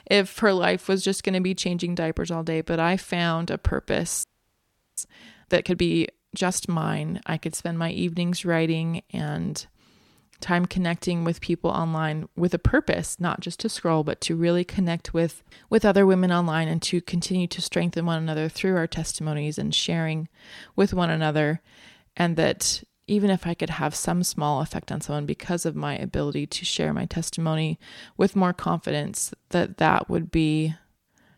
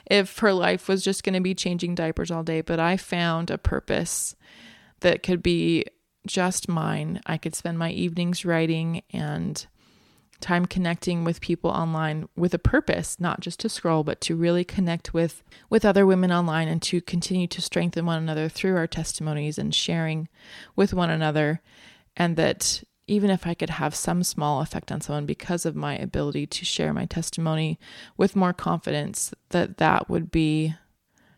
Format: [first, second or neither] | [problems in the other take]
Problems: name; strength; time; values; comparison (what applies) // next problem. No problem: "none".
second | audio freezing; at 4 s for 0.5 s